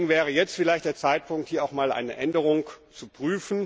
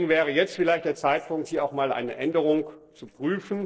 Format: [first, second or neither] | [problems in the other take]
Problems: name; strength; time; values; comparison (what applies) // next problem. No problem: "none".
first | noise reduction (neural separator model SepFormer DNS4)